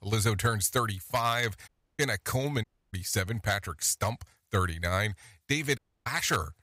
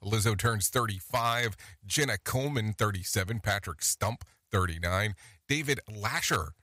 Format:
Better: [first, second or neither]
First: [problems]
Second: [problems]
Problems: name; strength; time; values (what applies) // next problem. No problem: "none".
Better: second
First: audio cutting out; at 1.5 s, at 2.5 s and at 6 s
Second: none